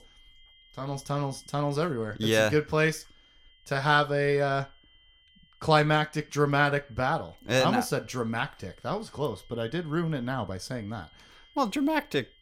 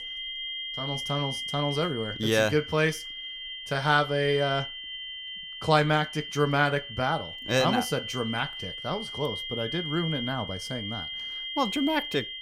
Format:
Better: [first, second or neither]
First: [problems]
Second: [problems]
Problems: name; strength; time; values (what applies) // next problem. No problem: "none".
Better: first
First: high-pitched whine; faint; throughout; 3 kHz, 30 dB below the speech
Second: high-pitched whine; loud; throughout; 3 kHz, 6 dB below the speech